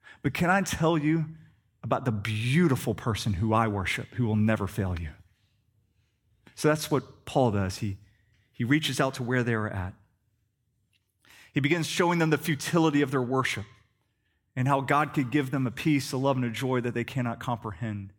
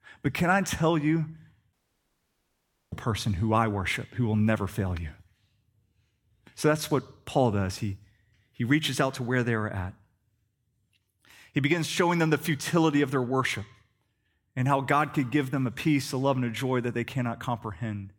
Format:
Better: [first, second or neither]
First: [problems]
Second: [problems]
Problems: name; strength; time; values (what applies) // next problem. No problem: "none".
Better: first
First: none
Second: audio cutting out; at 1.5 s for 1 s